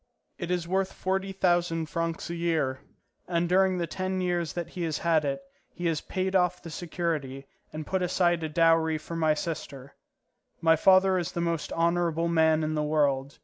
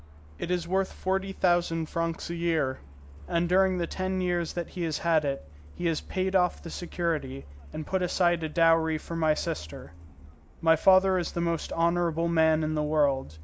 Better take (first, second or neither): first